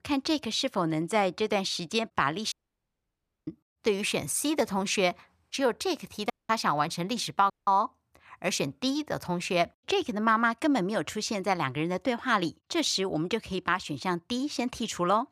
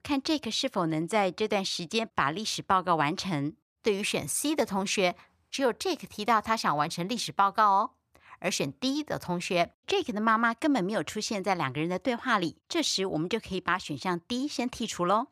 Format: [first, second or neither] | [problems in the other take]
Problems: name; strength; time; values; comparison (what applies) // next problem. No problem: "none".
second | audio cutting out; at 2.5 s for 1 s, at 6.5 s and at 7.5 s